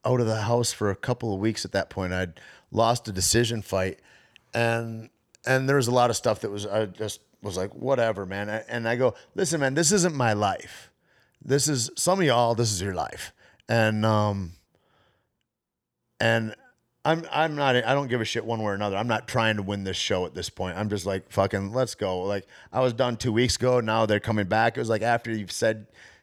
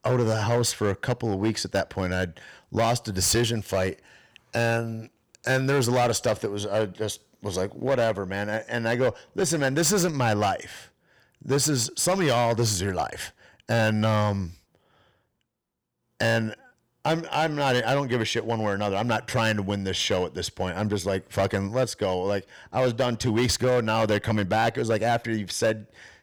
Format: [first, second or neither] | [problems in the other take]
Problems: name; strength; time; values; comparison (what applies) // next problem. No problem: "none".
first | distortion; slight; 8% of the sound clipped